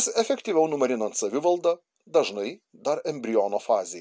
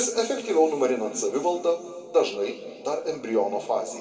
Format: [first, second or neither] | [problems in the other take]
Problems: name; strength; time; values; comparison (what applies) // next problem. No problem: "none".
first | room echo; dies away in 2.1 s